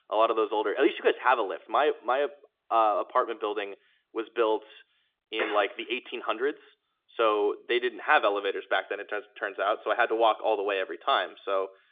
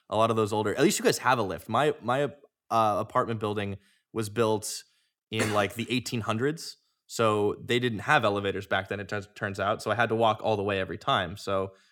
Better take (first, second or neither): second